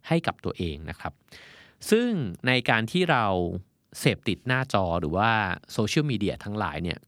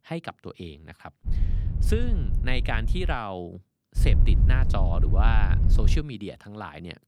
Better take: first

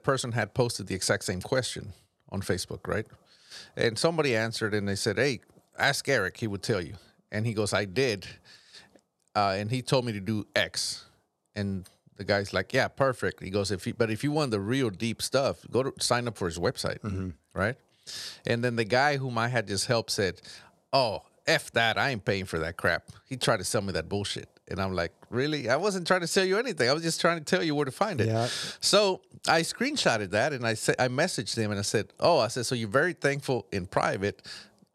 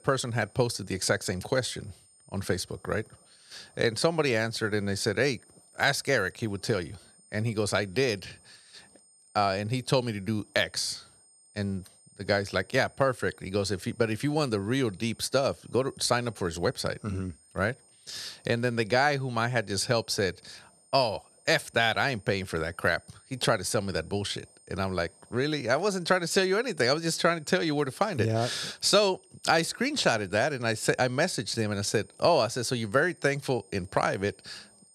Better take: first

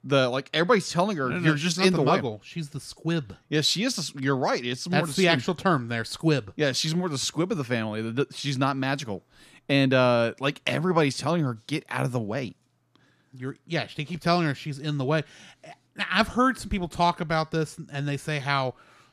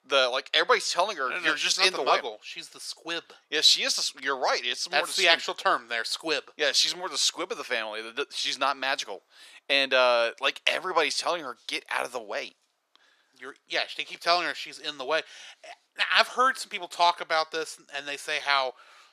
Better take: first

